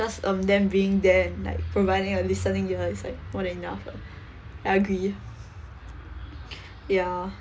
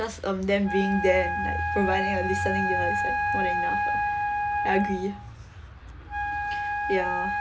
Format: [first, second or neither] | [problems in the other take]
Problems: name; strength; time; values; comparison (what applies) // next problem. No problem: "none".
first | background sound (Wind instrument, woodwind instrument); as loud as the speech